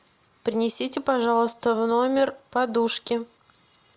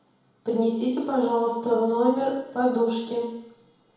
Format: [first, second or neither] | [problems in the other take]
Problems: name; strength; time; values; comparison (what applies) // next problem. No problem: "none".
first | room echo; dies away in 1.9 s